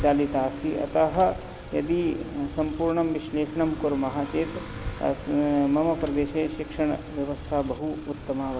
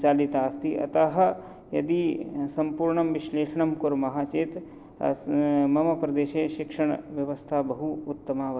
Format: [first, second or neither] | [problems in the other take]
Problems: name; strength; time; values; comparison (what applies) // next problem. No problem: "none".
second | background sound (Motorcycle / Accelerating, revving, vroom); 12 dB below the speech